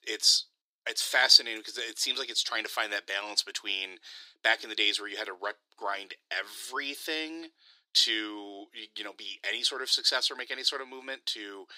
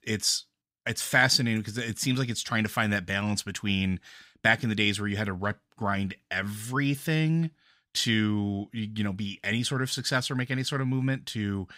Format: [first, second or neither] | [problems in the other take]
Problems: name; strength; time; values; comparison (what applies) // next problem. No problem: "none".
second | thin; very; fading below 350 Hz